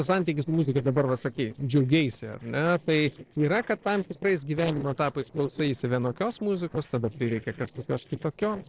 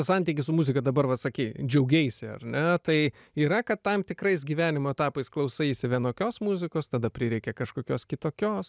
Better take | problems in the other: second | noise reduction (neural separator model SepFormer DNS4)

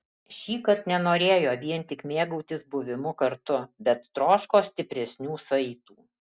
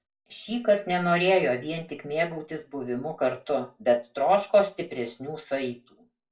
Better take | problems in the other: first | room echo; dies away in 0.2 s

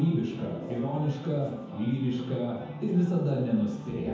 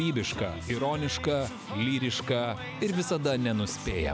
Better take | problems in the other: second | background sound (Brass instrument); 18 dB below the speech // room echo; dies away in 0.9 s

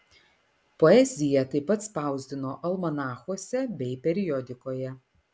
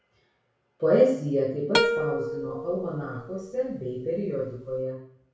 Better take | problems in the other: first | background sound (Plucked string instrument); 3 dB below the speech // room echo; dies away in 0.6 s

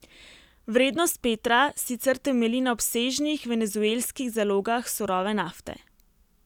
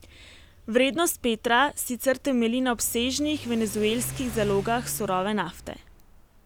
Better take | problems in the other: first | background sound (Accelerating, revving, vroom / Car); 16 dB below the speech

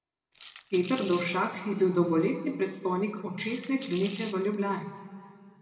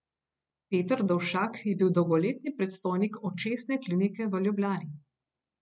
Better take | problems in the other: second | background sound (Rattle / Rattle (instrument)); 17 dB below the speech // room echo; dies away in 1.8 s

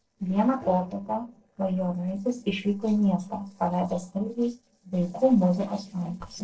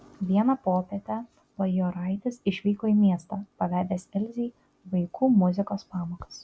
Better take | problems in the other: second | noise reduction (neural separator model SepFormer DNS4)

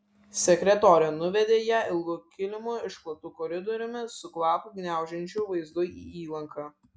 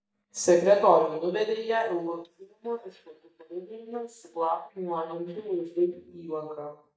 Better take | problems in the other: first | noise reduction (neural mask model DeepFilterNet 3)

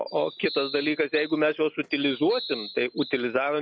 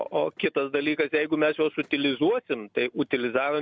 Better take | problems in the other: second | noise reduction (classical method log-MMSE)

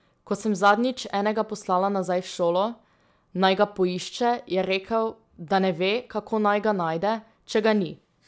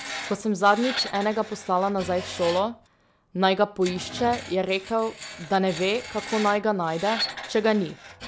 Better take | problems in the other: first | background sound (Screech); 11 dB below the speech

